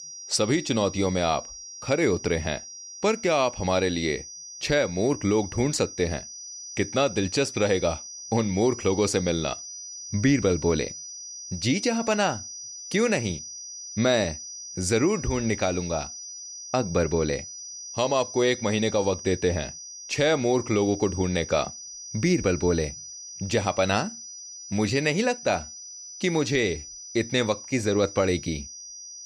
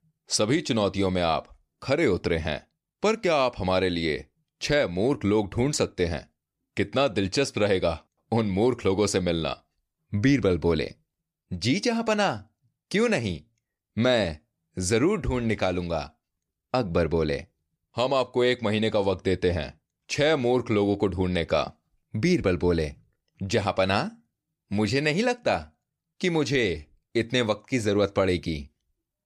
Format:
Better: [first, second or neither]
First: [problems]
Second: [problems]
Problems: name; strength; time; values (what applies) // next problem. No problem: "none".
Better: second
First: high-pitched whine; noticeable; throughout; 6 kHz, 10 dB below the speech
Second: none